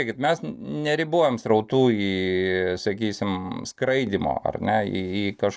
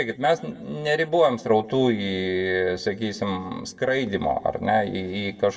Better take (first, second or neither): first